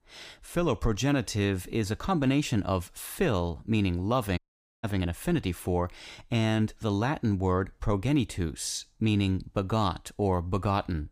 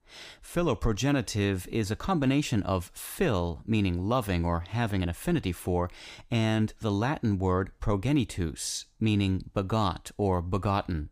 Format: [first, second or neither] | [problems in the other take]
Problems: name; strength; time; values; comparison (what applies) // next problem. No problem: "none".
second | audio cutting out; at 4.5 s